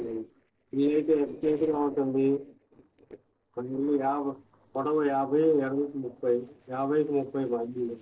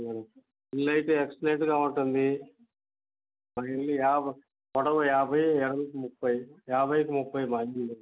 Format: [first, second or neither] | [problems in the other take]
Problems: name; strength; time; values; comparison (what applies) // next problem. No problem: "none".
second | noise reduction (neural separator model SepFormer DNS4)